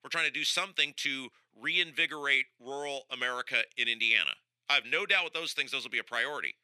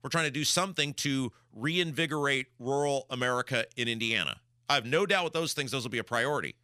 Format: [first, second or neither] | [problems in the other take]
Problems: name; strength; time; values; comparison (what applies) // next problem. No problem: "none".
second | thin; somewhat; fading below 300 Hz